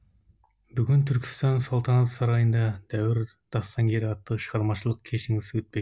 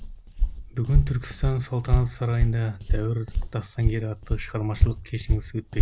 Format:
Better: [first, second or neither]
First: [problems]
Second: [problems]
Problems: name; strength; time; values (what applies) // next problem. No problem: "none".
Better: first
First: none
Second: background sound (Walk, footsteps); 2 dB above the speech